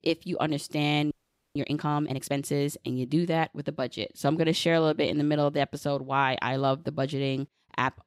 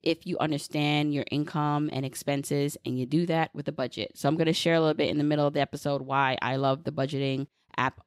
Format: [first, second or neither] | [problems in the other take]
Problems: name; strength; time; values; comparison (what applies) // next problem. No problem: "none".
second | audio freezing; at 1 s